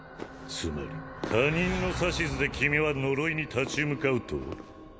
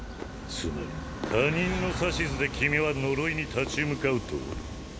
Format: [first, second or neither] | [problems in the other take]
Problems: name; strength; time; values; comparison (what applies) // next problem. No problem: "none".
first | background sound (Train); 10 dB below the speech